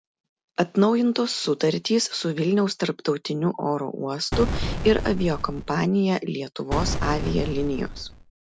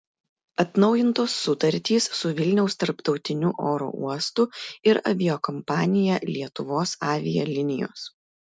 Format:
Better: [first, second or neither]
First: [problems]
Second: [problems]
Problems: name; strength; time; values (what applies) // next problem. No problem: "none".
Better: second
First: background sound (Boom); 4 dB below the speech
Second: none